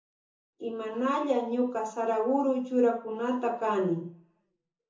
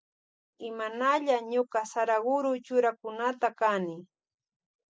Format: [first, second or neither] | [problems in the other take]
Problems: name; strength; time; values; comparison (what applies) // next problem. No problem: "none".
second | room echo; dies away in 0.6 s